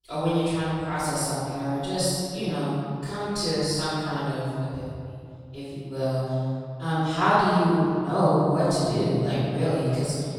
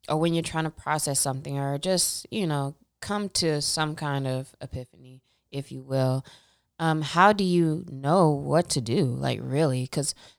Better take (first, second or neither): second